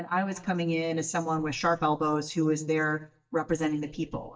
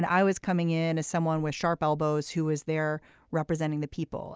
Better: second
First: noise reduction (neural mask model DeepFilterNet 3)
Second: none

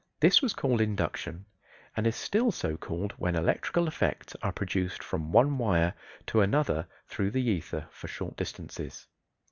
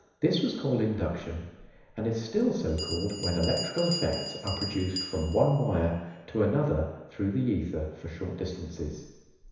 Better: first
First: none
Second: background sound (Bell); 13 dB below the speech // room echo; dies away in 1 s

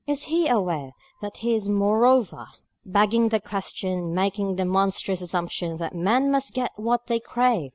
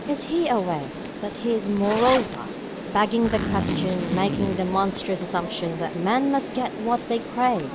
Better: first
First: none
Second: background sound (Zipper (clothing) + Rain); 6 dB below the speech

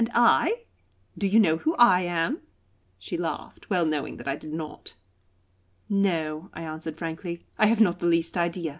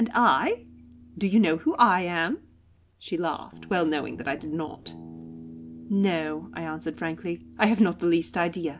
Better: first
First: none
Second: background sound (Guitar); 19 dB below the speech

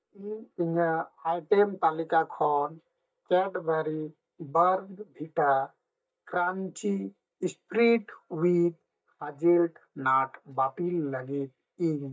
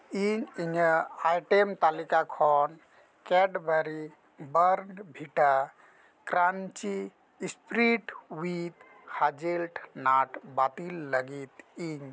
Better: second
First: noise reduction (neural mask model DeepFilterNet 3)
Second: none

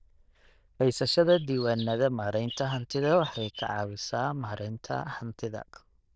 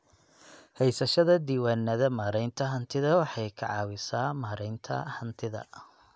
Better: second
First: noise reduction (neural diffusion model UNIVERSE++)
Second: none

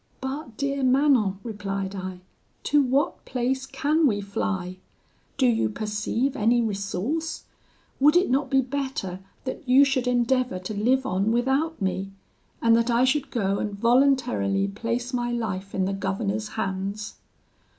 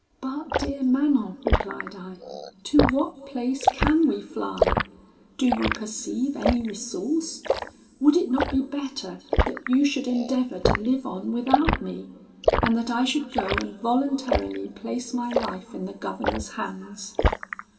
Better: first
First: none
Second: background sound (Liquid); 2 dB below the speech // room echo; dies away in 2.6 s

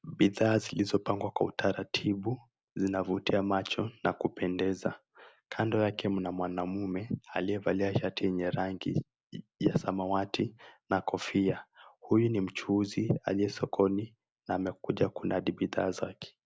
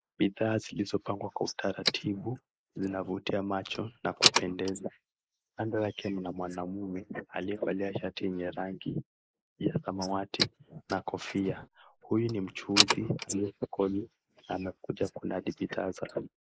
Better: first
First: none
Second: noise reduction (neural mask model Resemble Enhance denoiser)

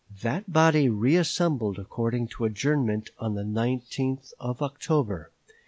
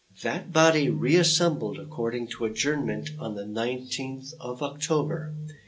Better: first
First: none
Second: room echo; dies away in 0.2 s

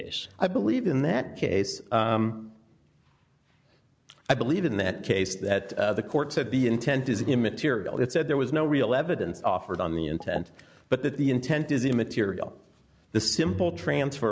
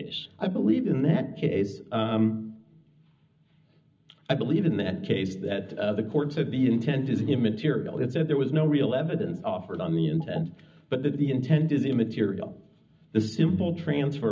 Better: first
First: none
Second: room echo; dies away in 0.4 s

